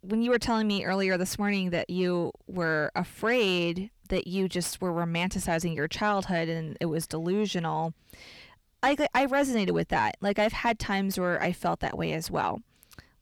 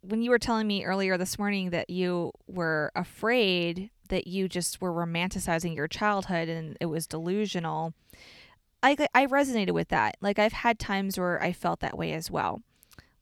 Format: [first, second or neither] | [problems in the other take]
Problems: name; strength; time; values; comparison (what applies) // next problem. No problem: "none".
second | distortion; slight; 10 dB below the speech